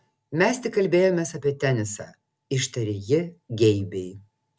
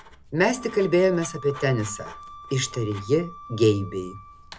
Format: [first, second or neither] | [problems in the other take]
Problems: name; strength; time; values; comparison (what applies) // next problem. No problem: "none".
first | background sound (Writing + Wind instrument, woodwind instrument); 17 dB below the speech